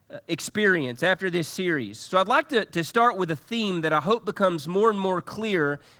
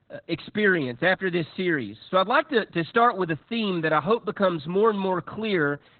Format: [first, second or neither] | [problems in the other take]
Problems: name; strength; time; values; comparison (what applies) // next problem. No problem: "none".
first | garbled, watery; badly; nothing above 4 kHz; slightly in the first